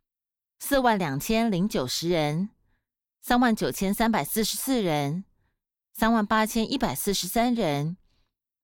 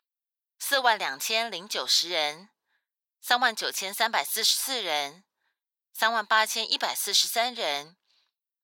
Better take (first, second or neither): first